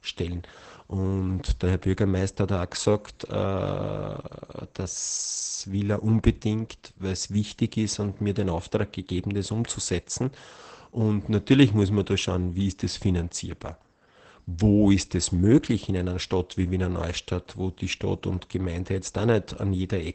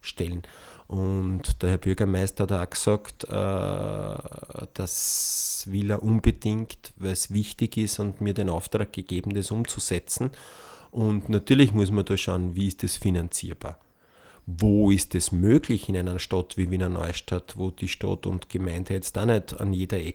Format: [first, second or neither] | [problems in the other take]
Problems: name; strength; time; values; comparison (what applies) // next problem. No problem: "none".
second | garbled, watery; badly; nothing above 8 kHz; slightly in the second